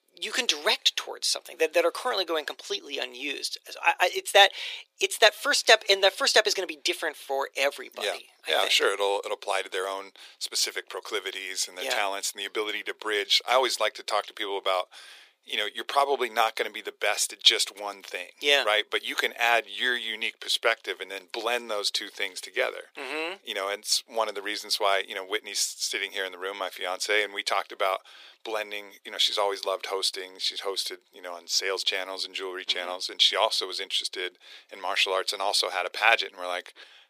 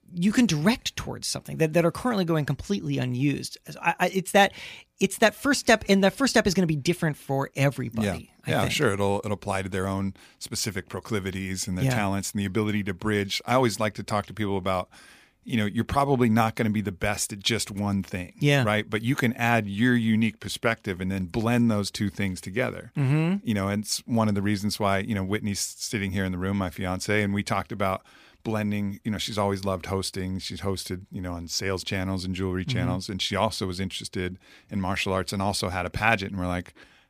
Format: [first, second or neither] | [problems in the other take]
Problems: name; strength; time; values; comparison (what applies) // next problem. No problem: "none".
second | thin; very; fading below 400 Hz